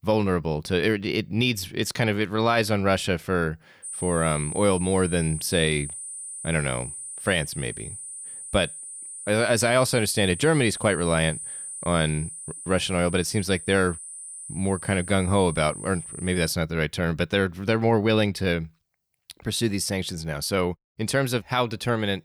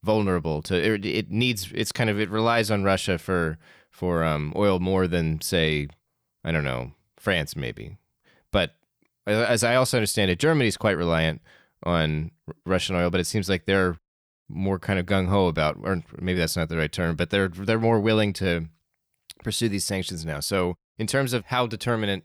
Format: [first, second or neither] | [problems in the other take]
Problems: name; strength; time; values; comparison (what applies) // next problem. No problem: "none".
second | high-pitched whine; loud; from 4 to 17 s; 9.5 kHz, 10 dB below the speech